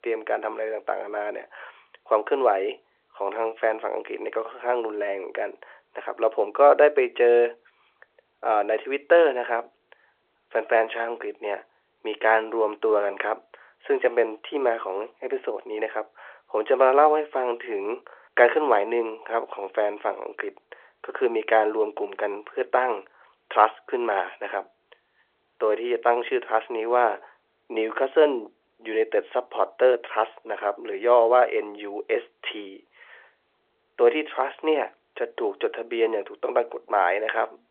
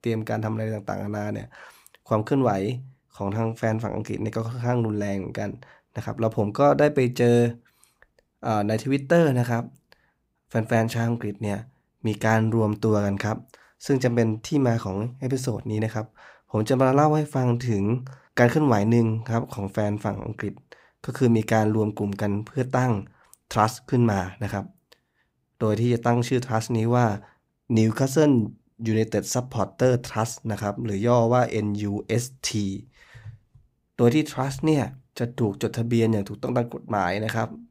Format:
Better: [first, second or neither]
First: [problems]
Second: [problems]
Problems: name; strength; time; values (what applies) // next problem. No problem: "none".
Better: second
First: phone-call audio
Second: none